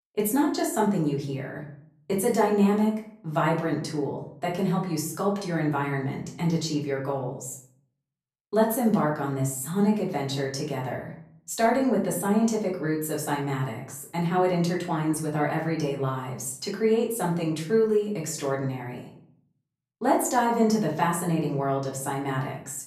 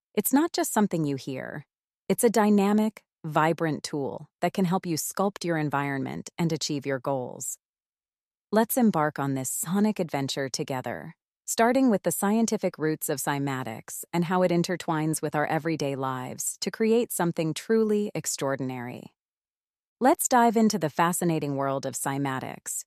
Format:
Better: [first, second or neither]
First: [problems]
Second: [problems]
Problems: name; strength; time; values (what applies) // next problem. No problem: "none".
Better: second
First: room echo; slight; dies away in 0.5 s // off-mic speech; far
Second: none